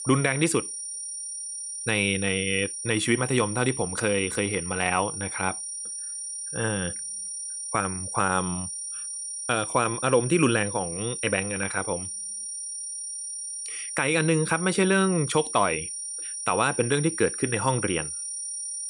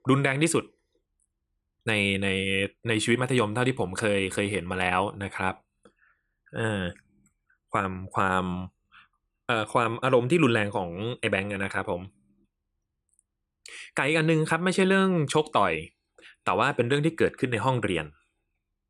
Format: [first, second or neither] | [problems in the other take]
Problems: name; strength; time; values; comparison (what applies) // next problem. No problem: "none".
second | high-pitched whine; loud; throughout; 9 kHz, 6 dB below the speech